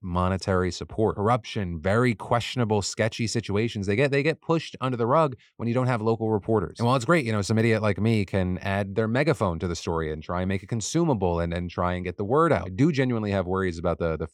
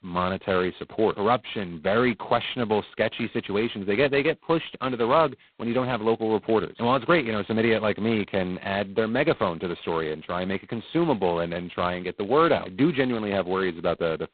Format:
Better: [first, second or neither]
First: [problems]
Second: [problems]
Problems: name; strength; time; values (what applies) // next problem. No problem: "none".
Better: first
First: none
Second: phone-call audio; poor line; nothing above 4 kHz